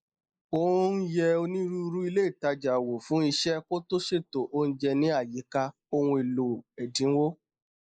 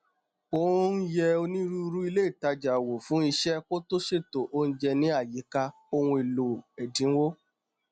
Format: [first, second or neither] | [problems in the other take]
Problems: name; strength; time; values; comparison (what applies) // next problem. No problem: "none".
second | noise reduction (neural mask model Resemble Enhance denoiser)